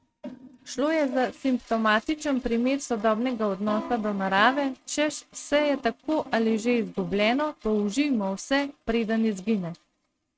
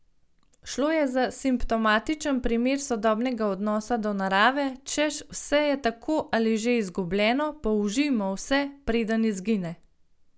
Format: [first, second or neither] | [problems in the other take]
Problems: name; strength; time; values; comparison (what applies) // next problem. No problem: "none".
second | noise reduction (neural mask model RNNoise)